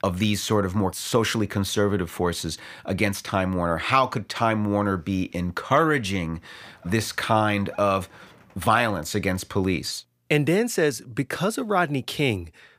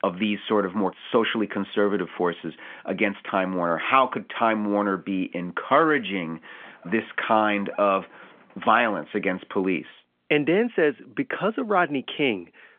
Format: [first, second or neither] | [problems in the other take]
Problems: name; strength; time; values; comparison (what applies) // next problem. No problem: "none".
first | phone-call audio; nothing above 3.5 kHz